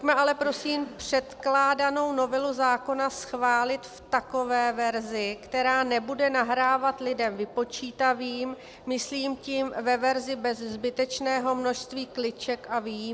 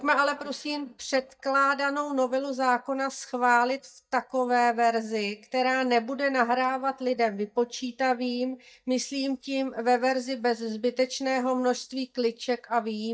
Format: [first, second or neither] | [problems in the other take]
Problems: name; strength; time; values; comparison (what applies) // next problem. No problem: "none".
first | noise reduction (neural mask model DeepFilterNet 3)